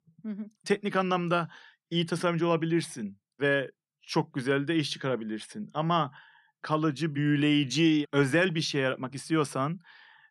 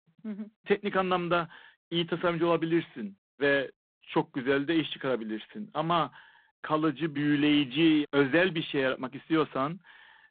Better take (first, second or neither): first